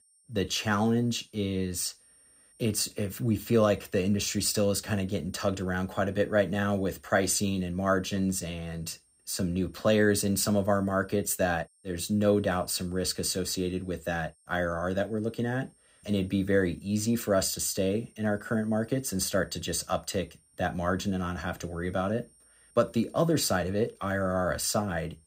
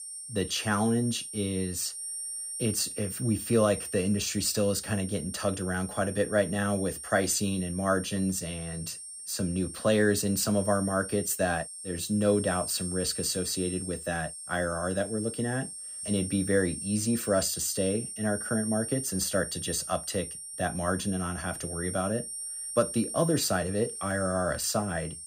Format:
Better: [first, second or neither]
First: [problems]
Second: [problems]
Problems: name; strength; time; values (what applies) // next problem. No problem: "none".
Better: first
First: high-pitched whine; faint; throughout; 9 kHz, 30 dB below the speech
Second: high-pitched whine; loud; throughout; 9 kHz, 7 dB below the speech